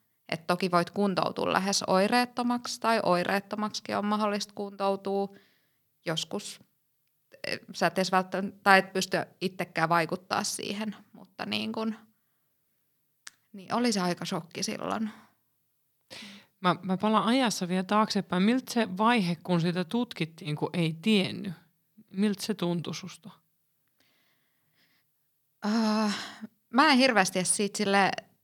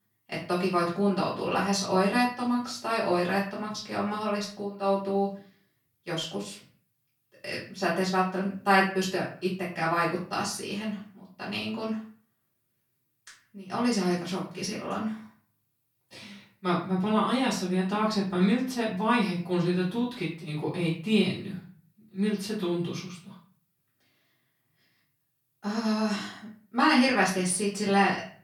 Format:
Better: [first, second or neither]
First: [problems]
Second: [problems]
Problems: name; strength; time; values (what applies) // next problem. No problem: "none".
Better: first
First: none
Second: off-mic speech; far // room echo; slight; dies away in 0.4 s